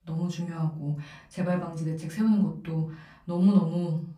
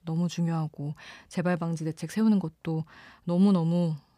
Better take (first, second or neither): second